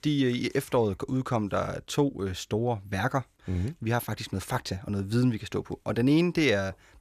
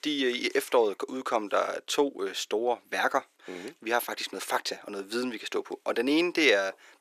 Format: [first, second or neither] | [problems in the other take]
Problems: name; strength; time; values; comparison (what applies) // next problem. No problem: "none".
first | thin; somewhat; fading below 350 Hz